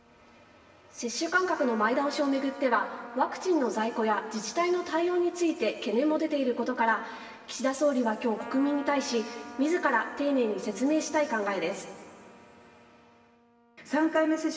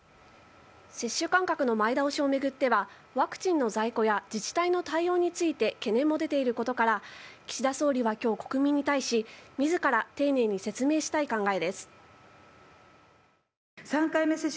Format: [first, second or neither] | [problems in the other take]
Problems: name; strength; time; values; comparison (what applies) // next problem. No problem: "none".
second | background sound (Trumpet); 20 dB below the speech // room echo; dies away in 2.1 s